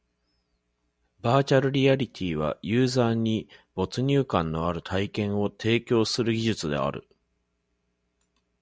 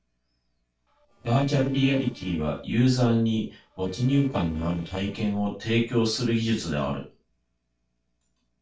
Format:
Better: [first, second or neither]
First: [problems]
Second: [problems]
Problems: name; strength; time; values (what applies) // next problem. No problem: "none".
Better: first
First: none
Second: noise reduction (neural separator model SepFormer DNS4)